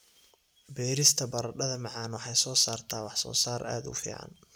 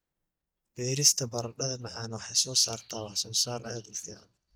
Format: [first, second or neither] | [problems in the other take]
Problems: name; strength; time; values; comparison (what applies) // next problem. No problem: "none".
first | noise reduction (neural mask model DeepFilterNet 3)